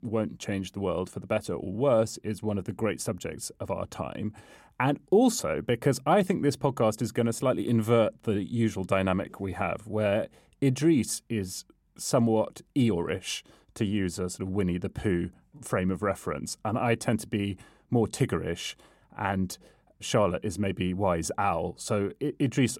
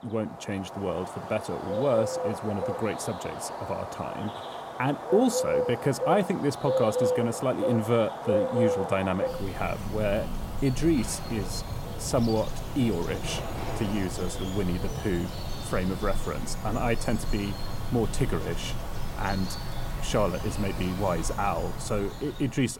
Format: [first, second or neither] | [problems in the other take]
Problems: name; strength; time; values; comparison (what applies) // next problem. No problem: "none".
first | animal sounds; loud; throughout; 4 dB below the speech